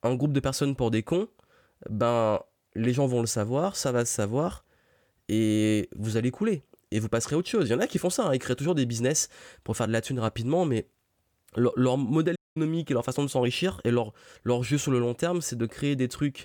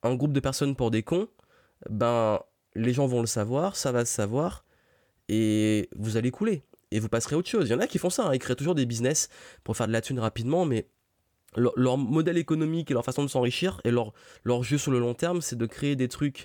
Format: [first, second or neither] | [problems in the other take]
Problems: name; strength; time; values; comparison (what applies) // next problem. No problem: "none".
second | audio cutting out; at 12 s